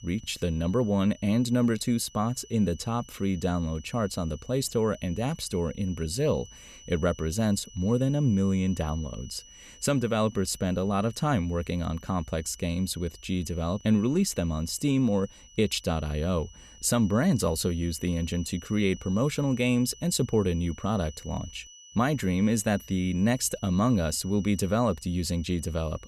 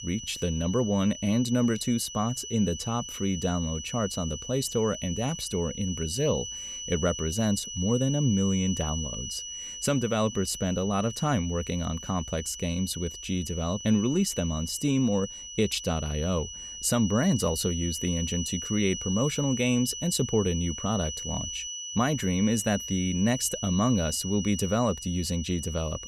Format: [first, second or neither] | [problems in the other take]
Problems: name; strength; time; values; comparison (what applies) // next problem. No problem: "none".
first | high-pitched whine; loud; throughout; 3 kHz, 8 dB below the speech; faint in the first